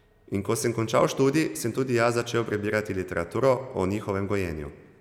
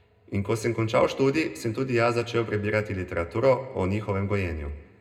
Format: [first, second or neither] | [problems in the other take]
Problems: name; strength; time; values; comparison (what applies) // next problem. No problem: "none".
first | room echo; dies away in 0.2 s